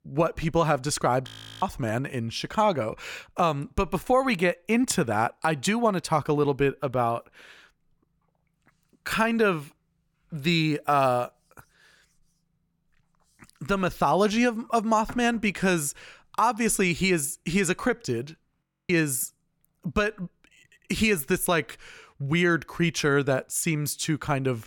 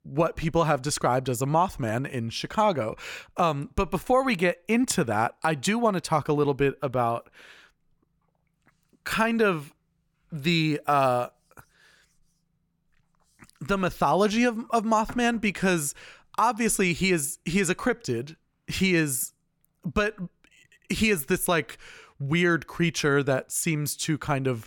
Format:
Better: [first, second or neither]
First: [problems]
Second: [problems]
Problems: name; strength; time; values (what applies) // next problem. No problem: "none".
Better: second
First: audio freezing; at 1.5 s and at 19 s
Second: none